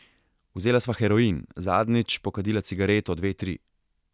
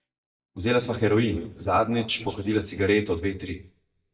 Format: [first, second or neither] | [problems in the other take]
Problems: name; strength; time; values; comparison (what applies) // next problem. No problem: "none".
first | noise reduction (neural mask model DeepFilterNet 3)